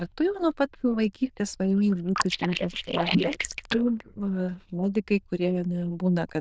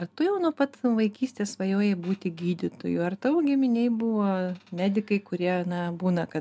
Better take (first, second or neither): second